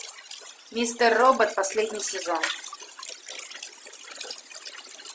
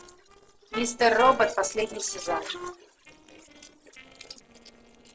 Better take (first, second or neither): first